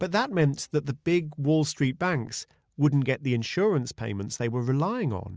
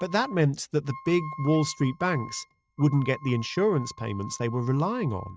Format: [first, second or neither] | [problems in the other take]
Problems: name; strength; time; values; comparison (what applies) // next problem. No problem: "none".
first | noise reduction (neural mask model RNNoise)